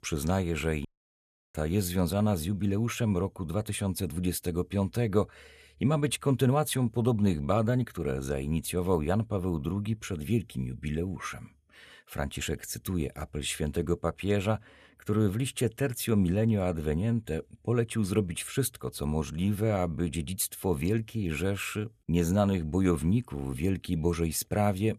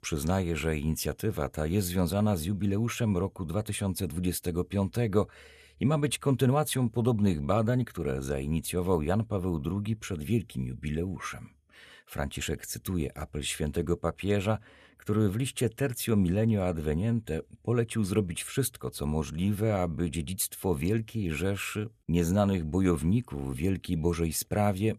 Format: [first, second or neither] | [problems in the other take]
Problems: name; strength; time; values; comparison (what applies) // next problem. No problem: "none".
second | audio cutting out; at 1 s for 0.5 s